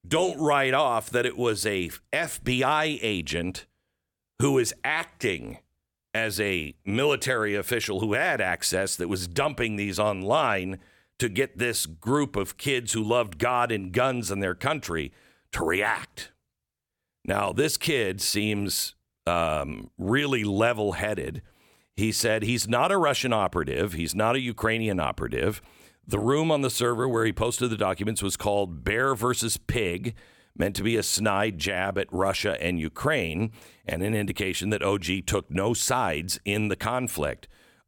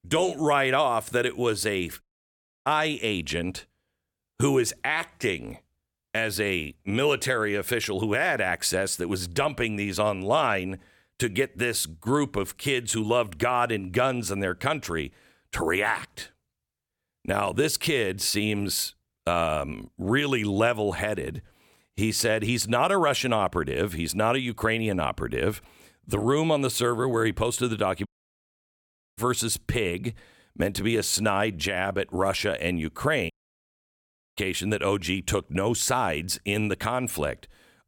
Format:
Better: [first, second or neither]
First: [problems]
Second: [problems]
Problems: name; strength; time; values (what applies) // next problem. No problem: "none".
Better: first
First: none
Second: audio cutting out; at 2 s for 0.5 s, at 28 s for 1 s and at 33 s for 1 s